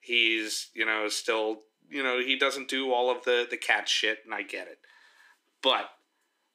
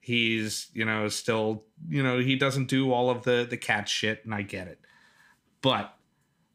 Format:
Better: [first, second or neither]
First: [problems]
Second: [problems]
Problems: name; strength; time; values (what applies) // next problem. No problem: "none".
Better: second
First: thin; somewhat; fading below 300 Hz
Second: none